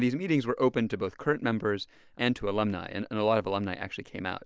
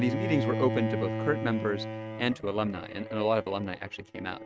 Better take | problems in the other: first | noise reduction (neural mask model RNNoise)

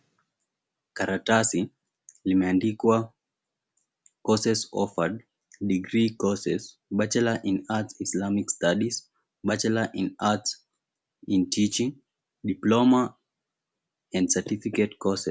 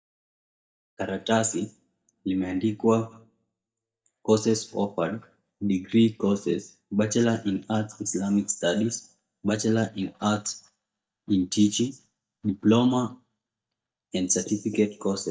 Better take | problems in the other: first | noise reduction (neural mask model DeepFilterNet 3)

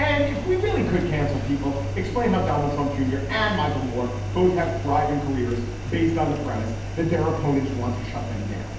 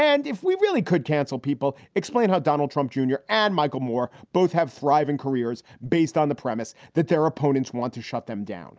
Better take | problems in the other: second | background sound (Engine); 5 dB below the speech // room echo; dies away in 0.9 s

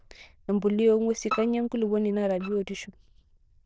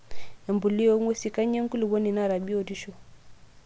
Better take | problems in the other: second | noise reduction (neural diffusion model UNIVERSE++)

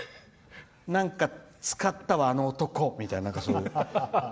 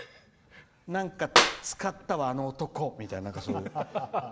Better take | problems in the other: first | background sound (Clapping); 3 dB above the speech

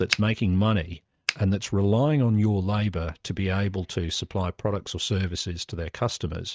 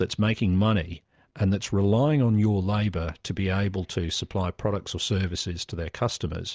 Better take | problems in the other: second | noise reduction (neural mask model RNNoise)

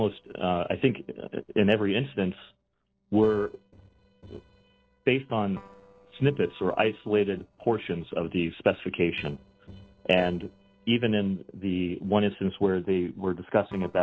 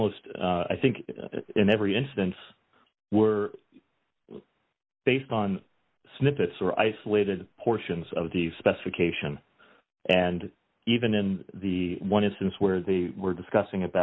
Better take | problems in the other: second | noise reduction (neural separator model SepFormer DNS4)

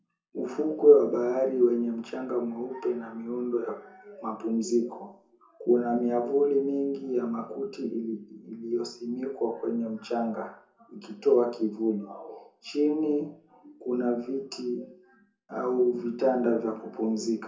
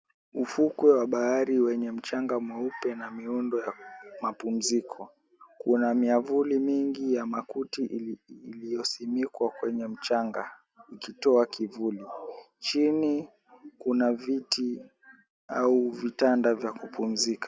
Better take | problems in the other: second | room echo; dies away in 0.5 s

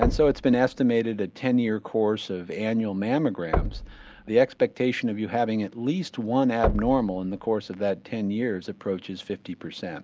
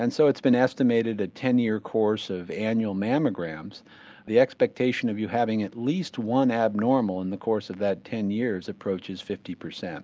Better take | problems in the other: second | background sound (Knock); 9 dB below the speech

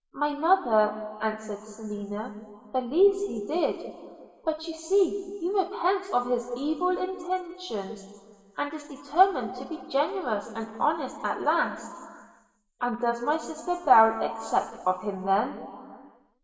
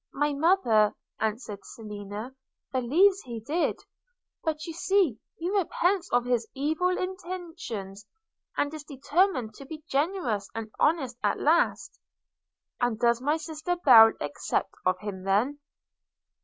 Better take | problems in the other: second | room echo; dies away in 1.7 s

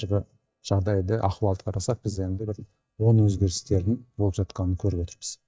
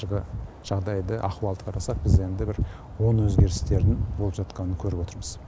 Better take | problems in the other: second | noise reduction (neural mask model DeepFilterNet 3)

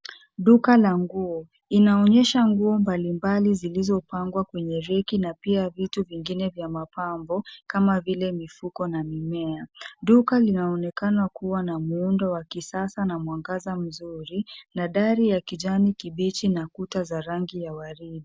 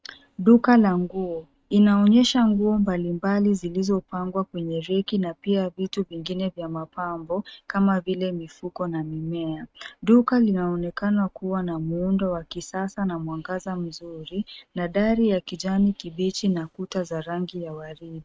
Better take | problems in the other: first | noise reduction (neural mask model RNNoise)

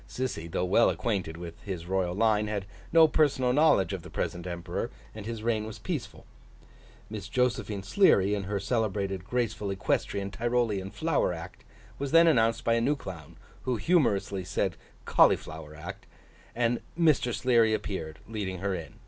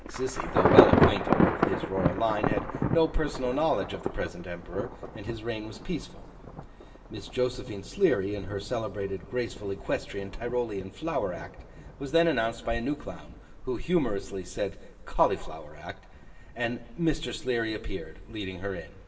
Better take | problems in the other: first | background sound (Thunder / Traffic noise, roadway noise / Rain / Insect); 1 dB below the speech // room echo; dies away in 1.4 s

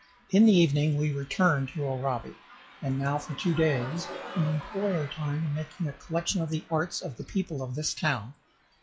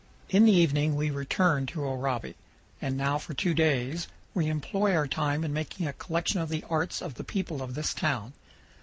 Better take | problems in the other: second | noise reduction (classical method log-MMSE)

